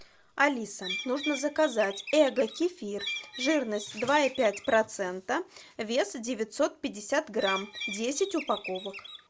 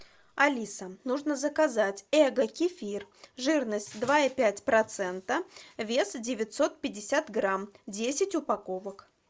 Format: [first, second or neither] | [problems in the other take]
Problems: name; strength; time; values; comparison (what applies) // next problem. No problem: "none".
second | background sound (Bird); 10 dB below the speech